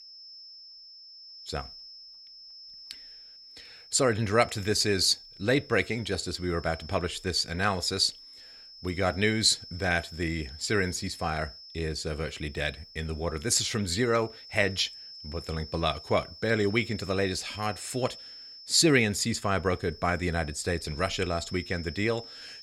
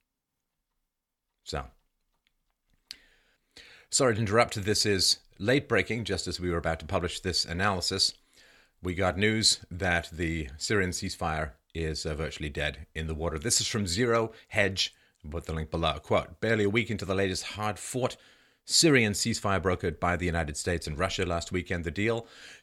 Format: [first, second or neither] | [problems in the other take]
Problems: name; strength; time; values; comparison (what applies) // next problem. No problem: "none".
second | high-pitched whine; noticeable; throughout; 5 kHz, 15 dB below the speech